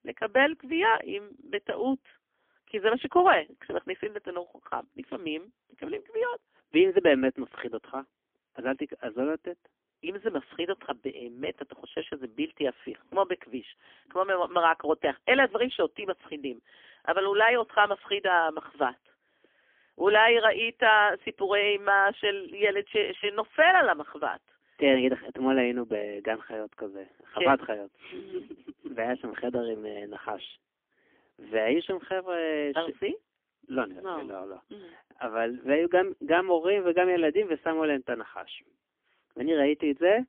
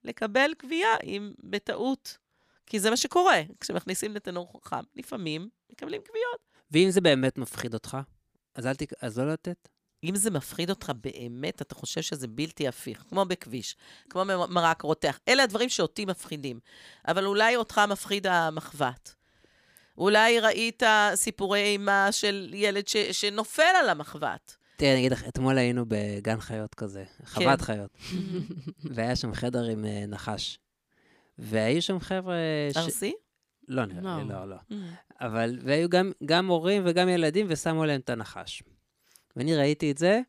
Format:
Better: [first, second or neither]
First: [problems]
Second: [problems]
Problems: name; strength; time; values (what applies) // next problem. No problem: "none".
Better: second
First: phone-call audio; poor line; nothing above 3.5 kHz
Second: none